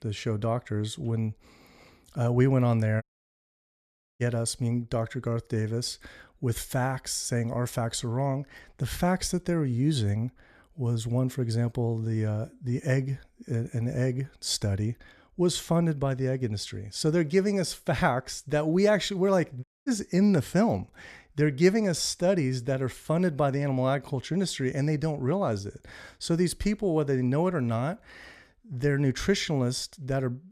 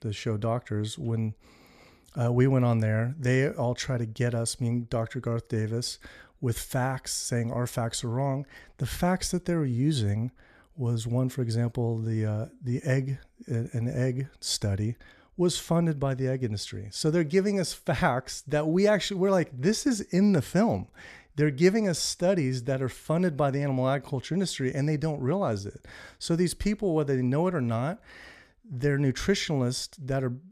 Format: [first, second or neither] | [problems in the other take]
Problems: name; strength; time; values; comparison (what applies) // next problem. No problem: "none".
second | audio cutting out; at 3 s for 1 s and at 20 s